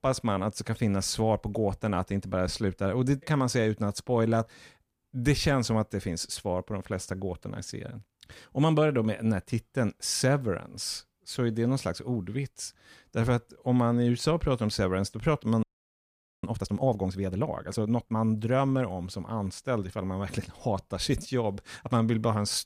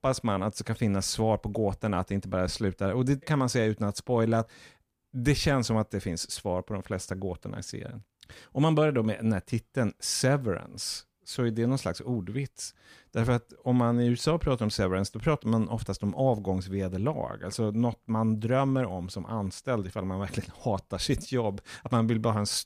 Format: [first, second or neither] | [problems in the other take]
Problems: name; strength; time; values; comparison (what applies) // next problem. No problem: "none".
second | audio freezing; at 16 s for 1 s